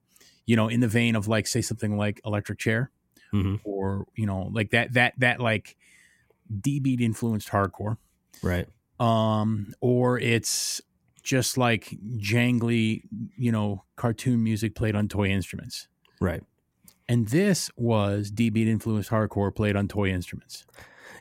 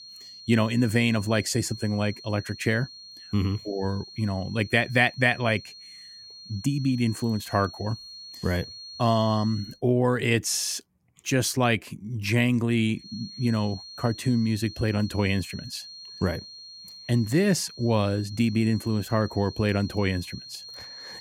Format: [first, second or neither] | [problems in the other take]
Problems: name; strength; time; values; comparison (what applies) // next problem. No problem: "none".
first | high-pitched whine; noticeable; until 9.5 s and from 13 s on; 4.5 kHz, 15 dB below the speech